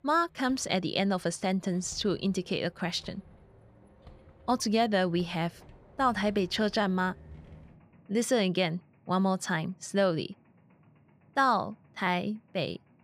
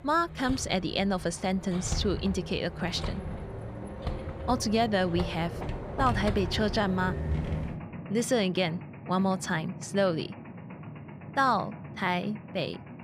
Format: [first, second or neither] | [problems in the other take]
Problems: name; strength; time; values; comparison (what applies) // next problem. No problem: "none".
first | machinery noise; loud; throughout; 9 dB below the speech; faint in the first